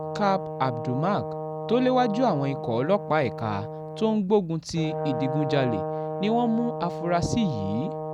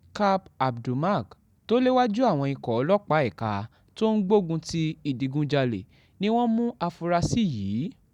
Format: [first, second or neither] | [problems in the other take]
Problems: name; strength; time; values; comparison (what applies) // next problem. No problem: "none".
second | background sound (Brass instrument); 6 dB below the speech